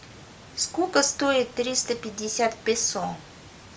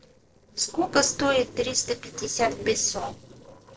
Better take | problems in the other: first | noise reduction (neural separator model SepFormer DNS4)

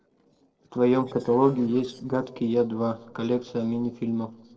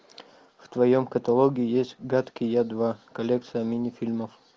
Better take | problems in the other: second | noise reduction (neural separator model SepFormer DNS4)

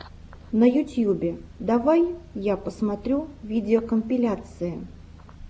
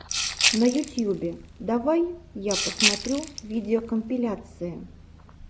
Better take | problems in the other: first | background sound (Rattle (instrument)); 2 dB below the speech

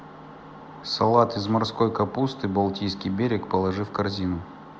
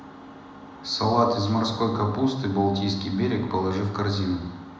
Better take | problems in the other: first | room echo; dies away in 0.9 s

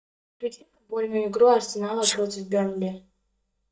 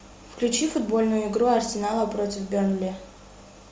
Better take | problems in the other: second | noise reduction (neural mask model DeepFilterNet 3)

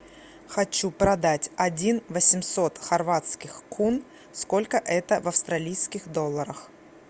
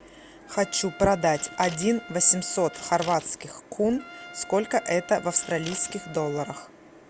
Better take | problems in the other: first | background sound (Trumpet + Scissors); 17 dB below the speech

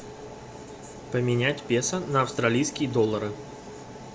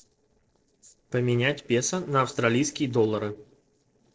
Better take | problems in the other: first | noise reduction (neural separator model SepFormer DNS4)

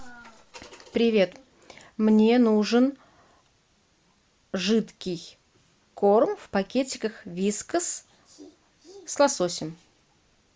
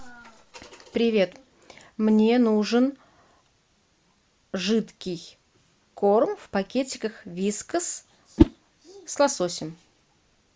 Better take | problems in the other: first | background sound (Whoosh, swoosh, swish); 1 dB below the speech

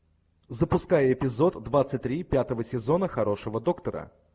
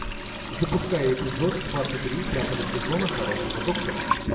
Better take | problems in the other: first | background sound (Sink (filling or washing) / Water tap, faucet); 2 dB below the speech // room echo; dies away in 0.7 s

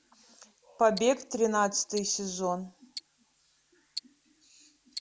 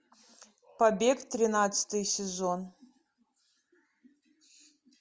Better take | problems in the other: second | background sound (Tick-tock); 17 dB below the speech

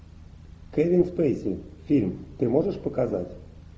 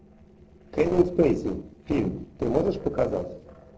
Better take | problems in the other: first | noise reduction (neural separator model SepFormer DNS4)

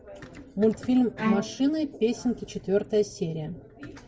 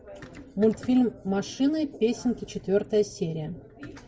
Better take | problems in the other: second | background sound (Bowed string instrument); 6 dB below the speech

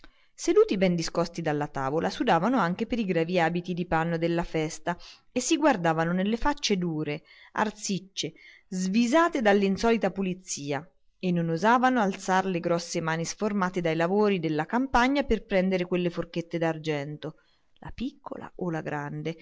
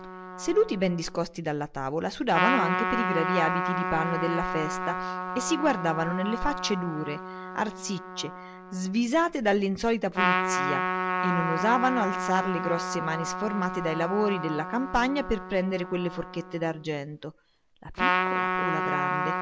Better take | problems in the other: first | background sound (Trumpet); 2 dB below the speech

